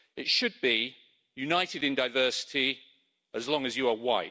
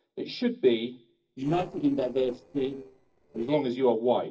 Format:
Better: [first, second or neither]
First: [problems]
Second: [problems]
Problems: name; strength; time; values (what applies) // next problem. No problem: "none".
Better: first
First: none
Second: noise reduction (neural separator model SepFormer DNS4)